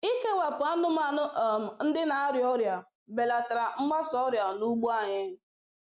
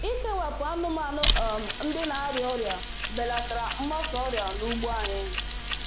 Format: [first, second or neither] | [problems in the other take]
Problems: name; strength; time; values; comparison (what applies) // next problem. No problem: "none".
first | background sound (Mechanisms); as loud as the speech